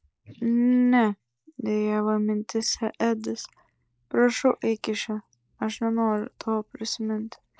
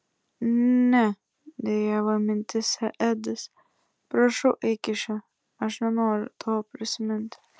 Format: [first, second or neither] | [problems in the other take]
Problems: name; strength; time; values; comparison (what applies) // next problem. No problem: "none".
second | noise reduction (neural mask model Resemble Enhance denoiser)